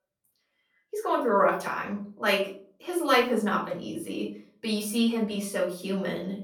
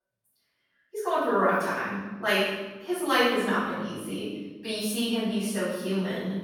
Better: first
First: room echo; slight; dies away in 0.4 s // off-mic speech; far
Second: room echo; strong; dies away in 1.2 s // off-mic speech; far

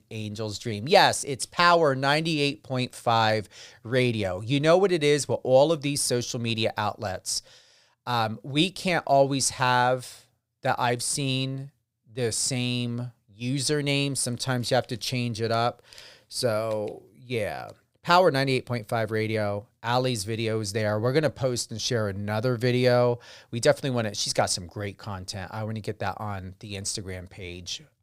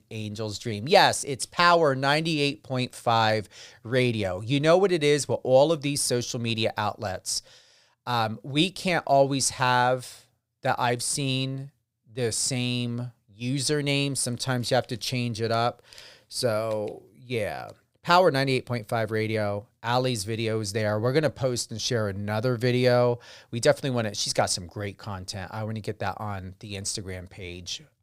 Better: neither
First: none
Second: none

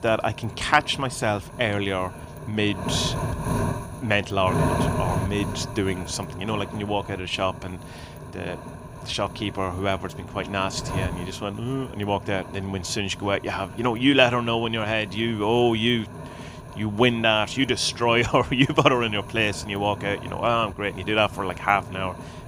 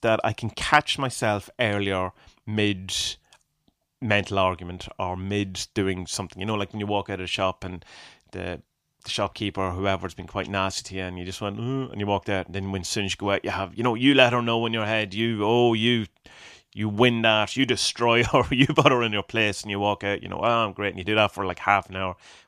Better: second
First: wind noise on the microphone; occasional gusts; 10 dB below the speech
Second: none

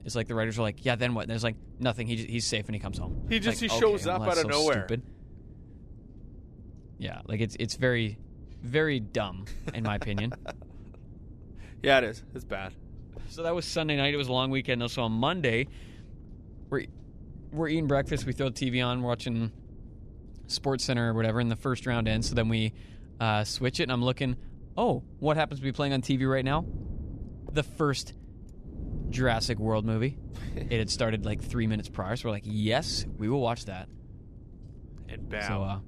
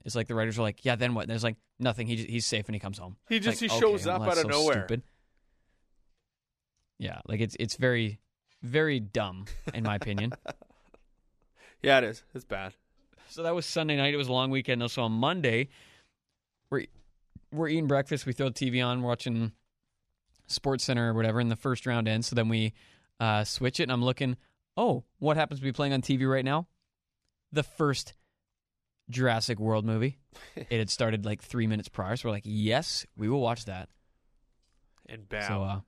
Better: second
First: wind noise on the microphone; occasional gusts; 25 dB below the speech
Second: none

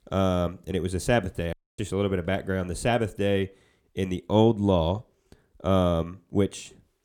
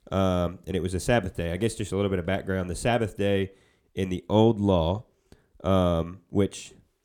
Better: second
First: audio cutting out; at 1.5 s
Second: none

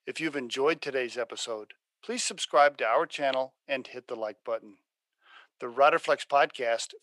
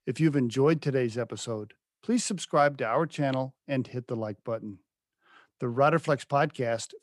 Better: second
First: thin; very; fading below 550 Hz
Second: none

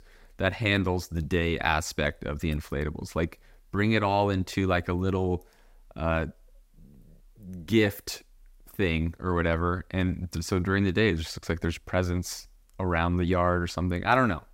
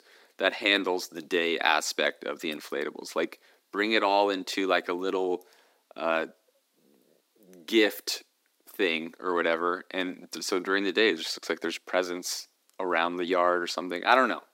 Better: first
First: none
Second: thin; somewhat; fading below 300 Hz

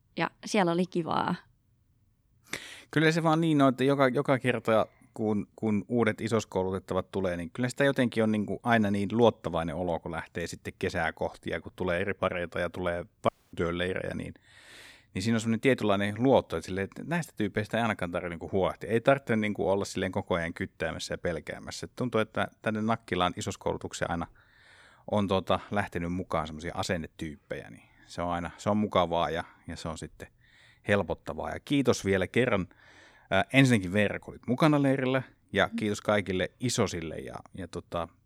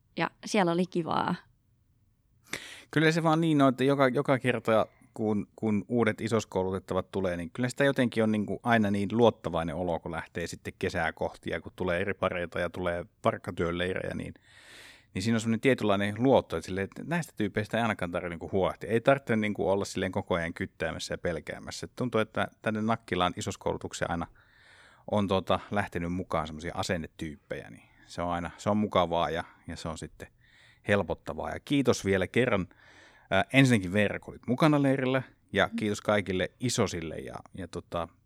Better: second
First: audio cutting out; at 13 s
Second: none

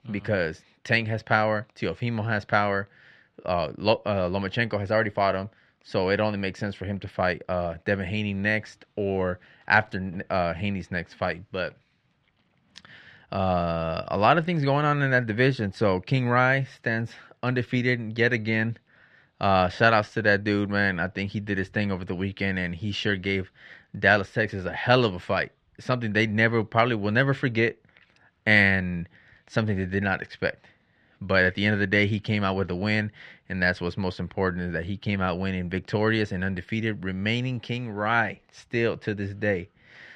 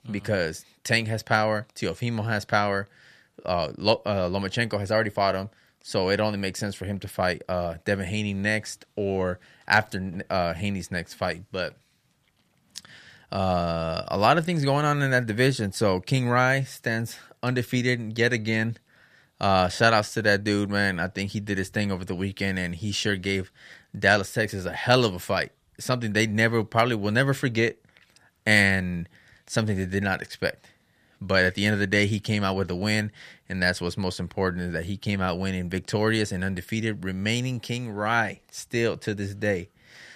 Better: second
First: muffled; slightly; fading above 2.5 kHz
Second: none

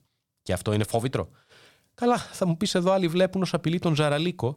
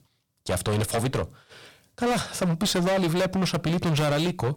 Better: first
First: none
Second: distortion; heavy; 24% of the sound clipped

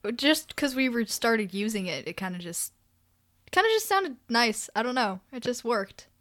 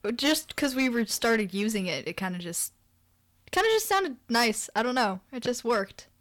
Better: first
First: none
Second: distortion; slight; 4% of the sound clipped

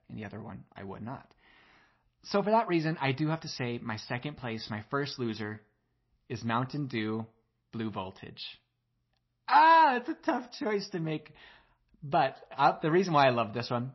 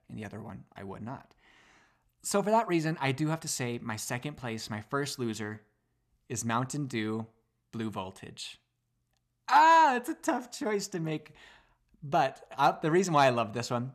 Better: second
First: garbled, watery; slightly; nothing above 5.5 kHz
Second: none

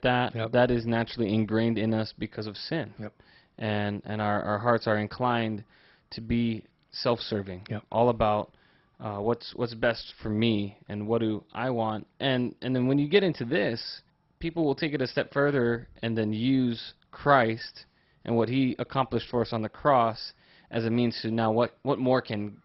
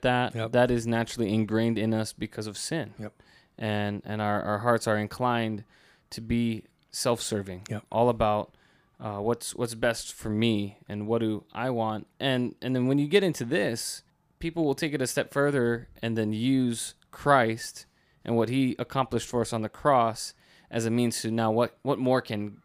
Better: second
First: garbled, watery; badly; nothing above 5.5 kHz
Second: none

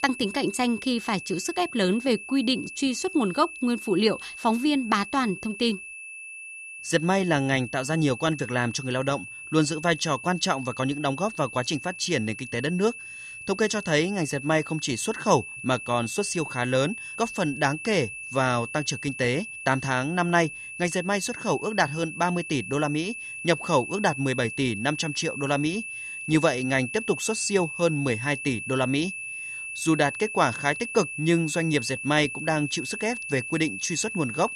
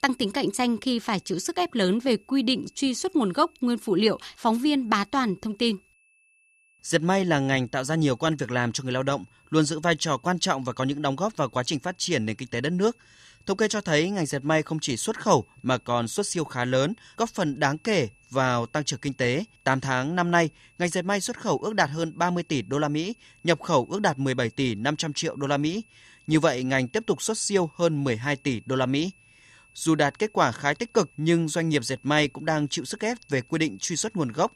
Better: second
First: high-pitched whine; loud; throughout; 2.5 kHz, 9 dB below the speech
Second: high-pitched whine; faint; throughout; 2.5 kHz, 35 dB below the speech

